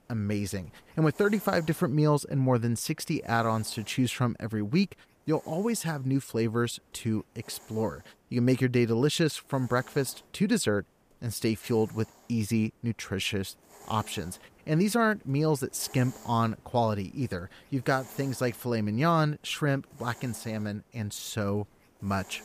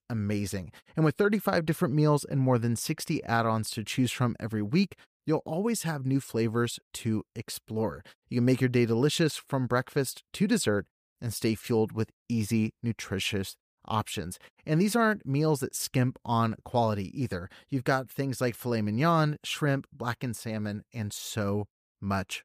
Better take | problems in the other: second | hiss; faint; throughout; 25 dB below the speech

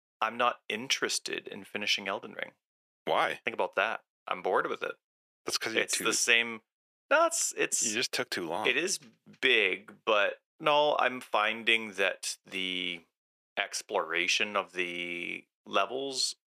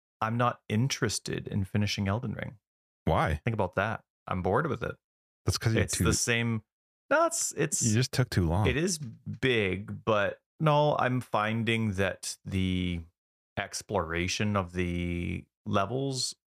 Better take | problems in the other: second | thin; very; fading below 350 Hz

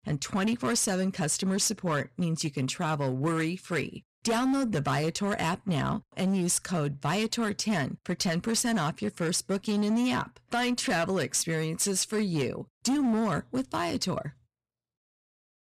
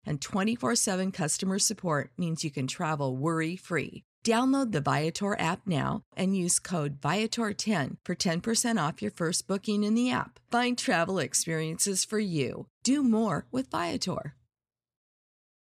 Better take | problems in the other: second | distortion; slight; 12% of the sound clipped

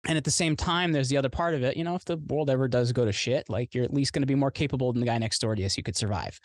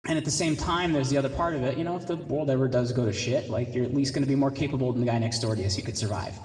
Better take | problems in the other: first | room echo; slight; dies away in 1.4 s // off-mic speech; somewhat distant

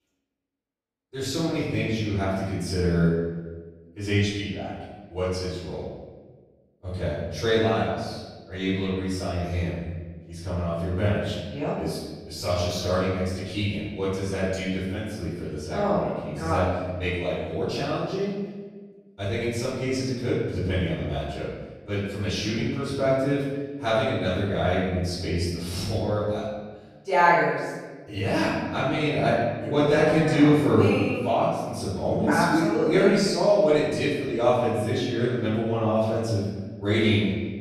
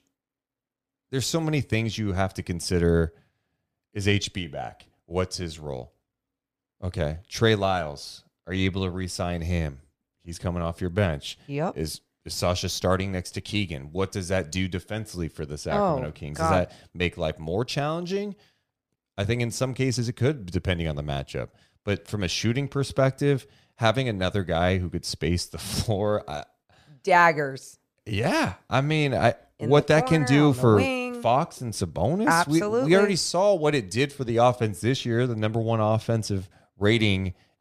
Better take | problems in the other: second | room echo; strong; dies away in 1.3 s // off-mic speech; far

